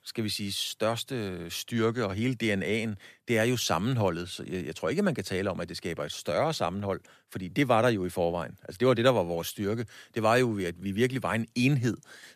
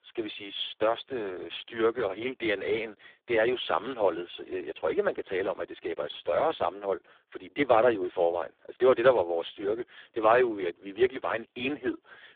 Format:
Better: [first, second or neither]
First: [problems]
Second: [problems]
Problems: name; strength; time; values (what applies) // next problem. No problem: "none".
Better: first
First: none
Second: phone-call audio; poor line; nothing above 3.5 kHz